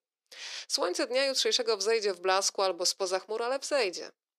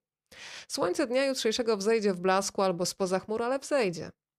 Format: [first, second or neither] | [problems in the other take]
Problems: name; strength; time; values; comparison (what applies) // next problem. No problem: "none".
second | thin; somewhat; fading below 350 Hz